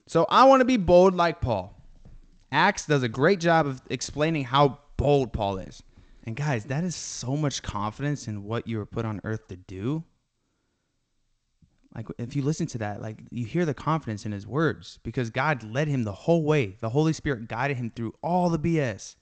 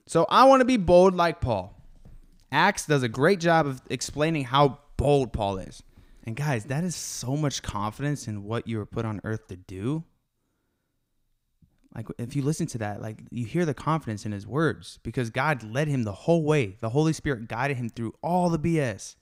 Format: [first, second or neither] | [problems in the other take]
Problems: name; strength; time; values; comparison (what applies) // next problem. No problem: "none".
second | garbled, watery; slightly; nothing above 7.5 kHz